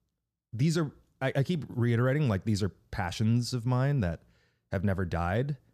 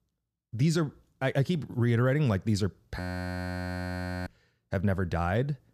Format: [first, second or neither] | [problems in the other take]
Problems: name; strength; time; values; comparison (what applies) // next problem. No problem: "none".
first | audio freezing; at 3 s for 1.5 s